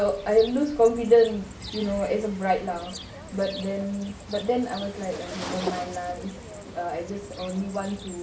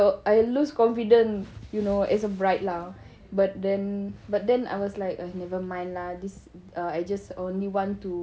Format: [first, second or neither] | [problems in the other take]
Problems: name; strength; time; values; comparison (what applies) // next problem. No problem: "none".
second | background sound (Cricket); 13 dB below the speech // room echo; dies away in 0.3 s